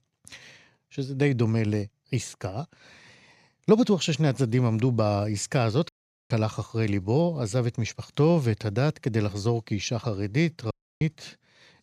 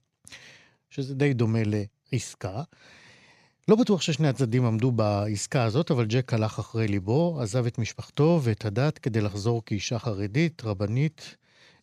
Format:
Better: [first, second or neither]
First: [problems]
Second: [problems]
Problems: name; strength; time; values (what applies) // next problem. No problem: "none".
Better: second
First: audio cutting out; at 6 s and at 11 s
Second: none